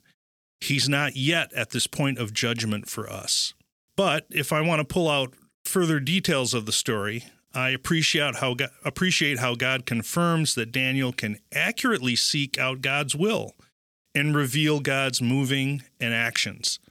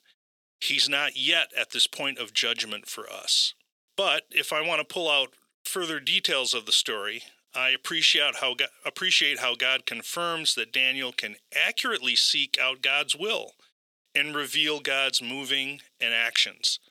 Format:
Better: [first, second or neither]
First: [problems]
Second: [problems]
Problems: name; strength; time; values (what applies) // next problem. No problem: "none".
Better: first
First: none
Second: thin; somewhat; fading below 500 Hz